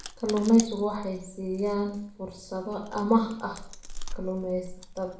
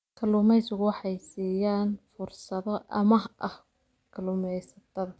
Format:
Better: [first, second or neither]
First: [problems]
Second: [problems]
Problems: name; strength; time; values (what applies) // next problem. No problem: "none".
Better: second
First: background sound (Chewing, mastication); 11 dB below the speech // room echo; dies away in 0.5 s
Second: none